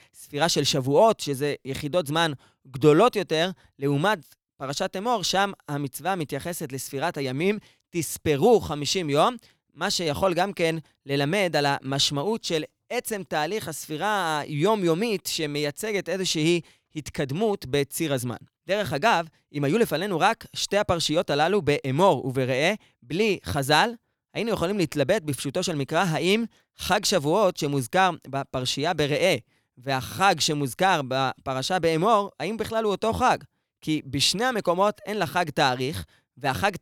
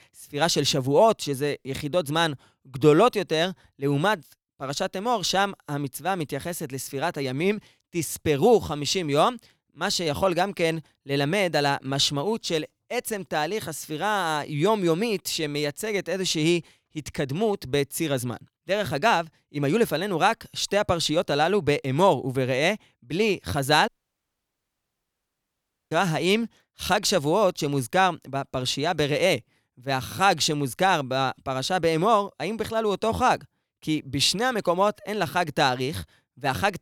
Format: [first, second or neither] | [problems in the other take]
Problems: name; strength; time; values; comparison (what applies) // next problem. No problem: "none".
first | audio cutting out; at 24 s for 2 s